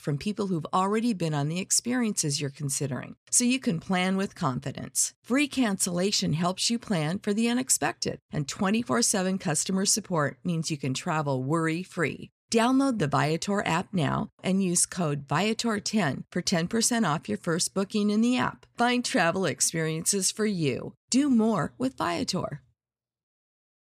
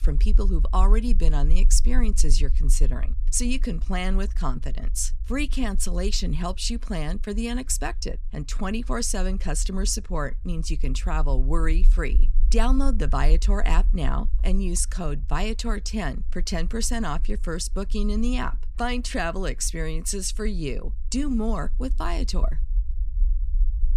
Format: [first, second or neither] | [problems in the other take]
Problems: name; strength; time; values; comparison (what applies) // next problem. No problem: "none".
first | low rumble; faint; throughout; 20 dB below the speech